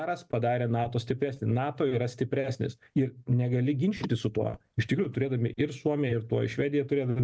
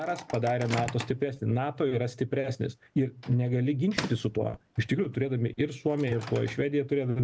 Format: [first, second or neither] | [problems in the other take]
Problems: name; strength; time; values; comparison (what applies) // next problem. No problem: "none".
first | background sound (Microwave oven); 15 dB below the speech